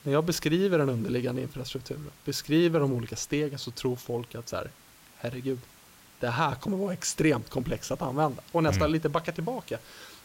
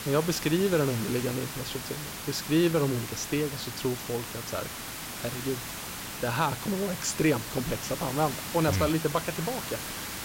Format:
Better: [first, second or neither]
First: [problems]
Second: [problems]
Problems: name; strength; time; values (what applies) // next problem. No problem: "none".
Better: first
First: hiss; faint; throughout; 25 dB below the speech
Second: hiss; loud; throughout; 6 dB below the speech